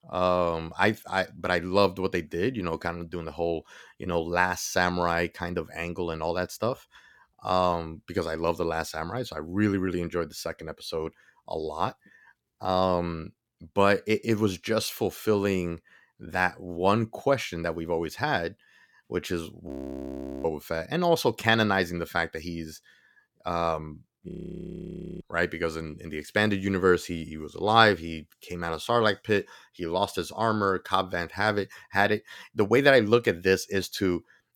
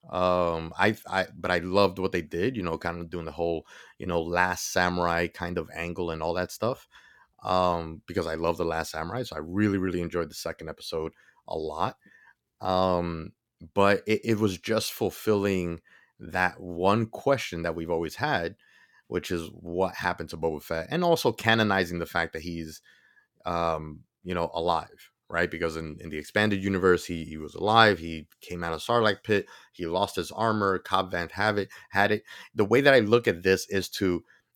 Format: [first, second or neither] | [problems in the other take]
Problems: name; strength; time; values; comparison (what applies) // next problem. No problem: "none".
second | audio freezing; at 20 s for 1 s and at 24 s for 1 s